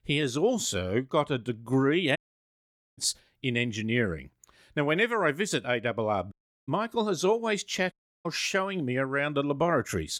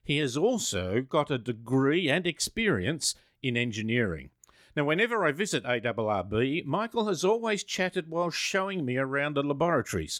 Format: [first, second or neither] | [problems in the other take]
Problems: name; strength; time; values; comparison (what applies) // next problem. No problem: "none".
second | audio cutting out; at 2 s for 1 s, at 6.5 s and at 8 s